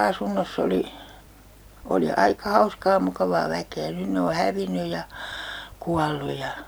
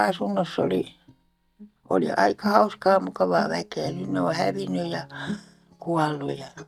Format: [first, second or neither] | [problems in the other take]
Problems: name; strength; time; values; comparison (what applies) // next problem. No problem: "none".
first | noise reduction (neural mask model DeepFilterNet 3)